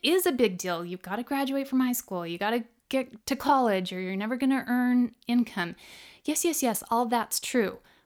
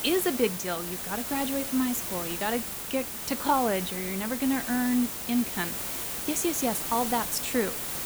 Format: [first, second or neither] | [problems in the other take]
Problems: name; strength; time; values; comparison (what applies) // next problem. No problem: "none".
first | hiss; loud; throughout; 2 dB below the speech